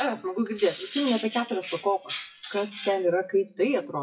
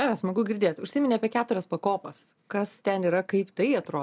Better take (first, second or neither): second